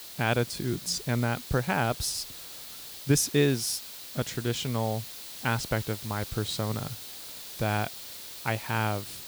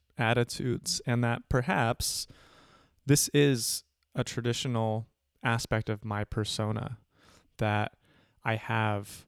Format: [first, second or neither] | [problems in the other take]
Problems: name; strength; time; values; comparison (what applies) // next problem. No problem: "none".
second | hiss; loud; throughout; 10 dB below the speech